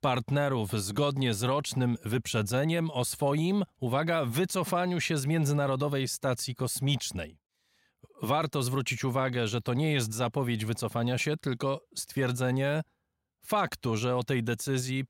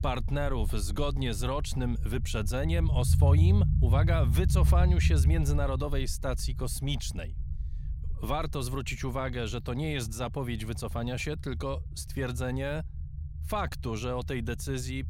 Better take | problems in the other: first | low rumble; noticeable; throughout; 10 dB below the speech

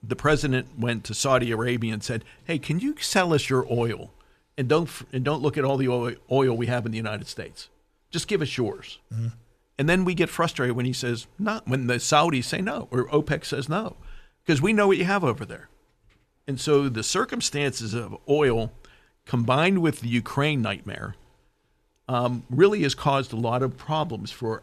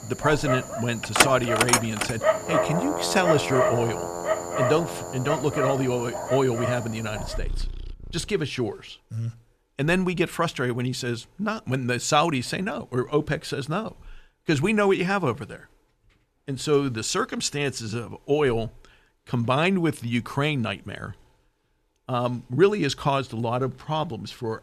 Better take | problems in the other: first | animal sounds; loud; until 8.5 s; 1 dB below the speech

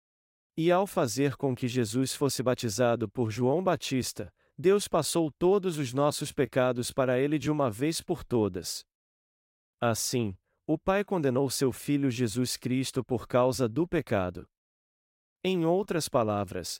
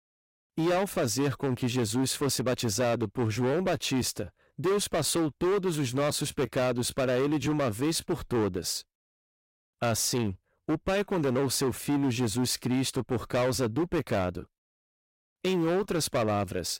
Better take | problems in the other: first | distortion; heavy; 15% of the sound clipped

